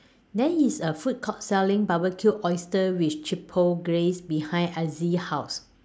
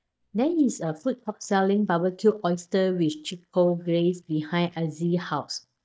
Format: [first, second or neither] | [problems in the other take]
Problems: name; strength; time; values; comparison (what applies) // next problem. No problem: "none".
first | noise reduction (neural mask model DeepFilterNet 3)